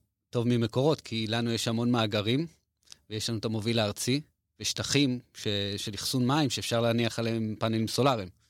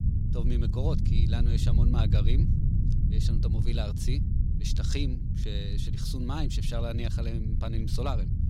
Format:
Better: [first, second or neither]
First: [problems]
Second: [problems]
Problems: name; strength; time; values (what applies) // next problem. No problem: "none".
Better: first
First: none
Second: low rumble; loud; throughout; 3 dB below the speech